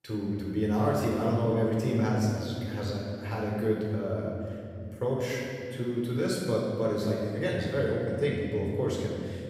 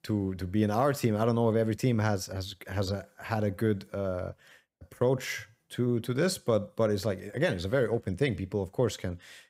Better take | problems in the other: second | off-mic speech; far // room echo; noticeable; dies away in 2.4 s

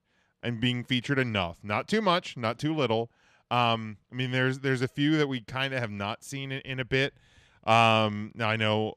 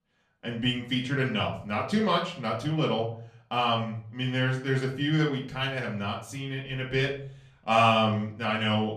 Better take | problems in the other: first | room echo; slight; dies away in 0.4 s // off-mic speech; far

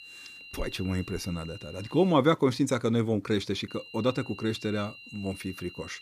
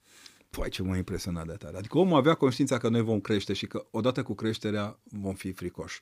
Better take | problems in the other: second | high-pitched whine; noticeable; until 2 s and from 3.5 s on; 3 kHz, 15 dB below the speech

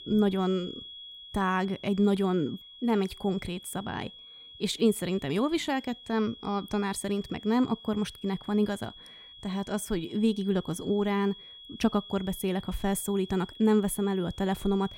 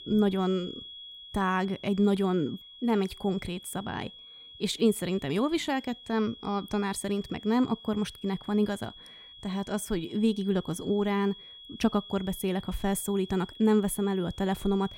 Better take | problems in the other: neither | high-pitched whine; noticeable; throughout; 3.5 kHz, 15 dB below the speech; the same in both

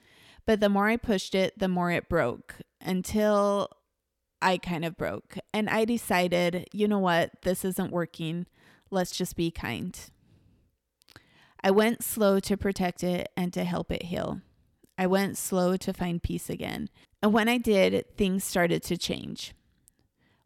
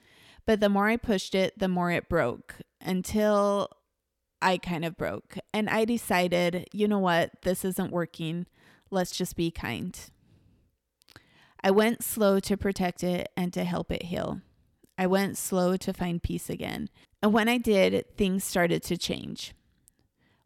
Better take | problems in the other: neither | none

